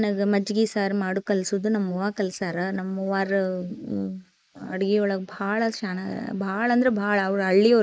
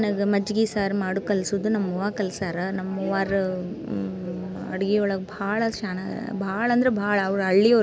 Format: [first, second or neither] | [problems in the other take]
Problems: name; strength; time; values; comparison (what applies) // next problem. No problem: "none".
second | noise reduction (neural mask model Resemble Enhance denoiser)